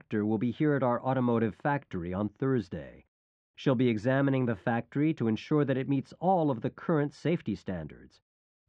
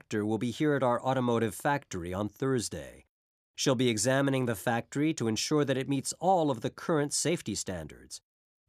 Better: second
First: muffled; very; fading above 2.5 kHz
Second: none

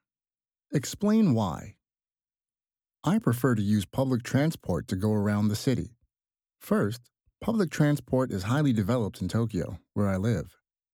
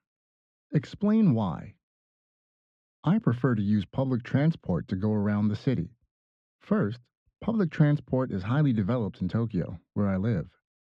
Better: first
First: none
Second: muffled; slightly; fading above 3.5 kHz

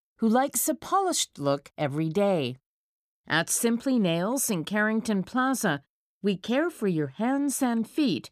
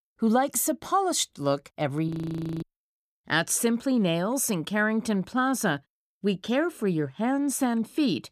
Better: first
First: none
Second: audio freezing; at 2 s for 0.5 s

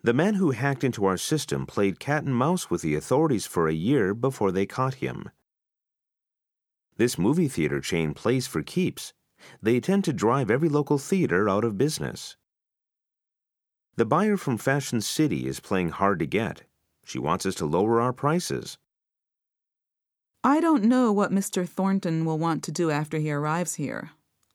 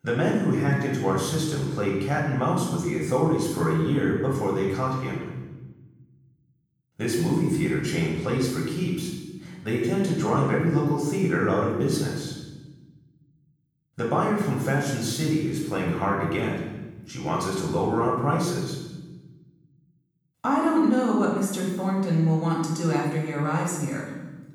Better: first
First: none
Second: room echo; noticeable; dies away in 1.1 s // off-mic speech; far

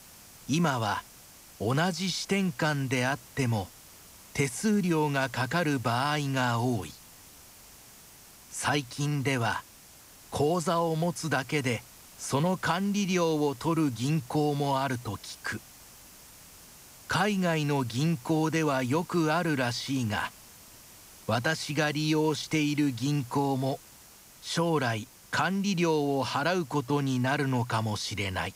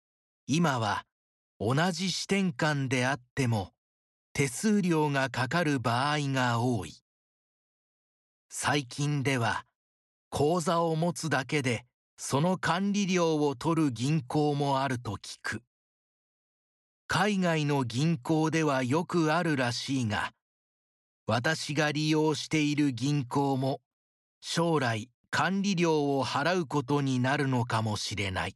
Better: second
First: hiss; faint; throughout; 20 dB below the speech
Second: none

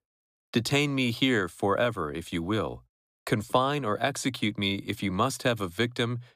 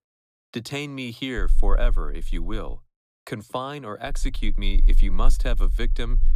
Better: first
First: none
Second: low rumble; faint; from 1.5 to 2.5 s and from 4 s on; 20 dB below the speech

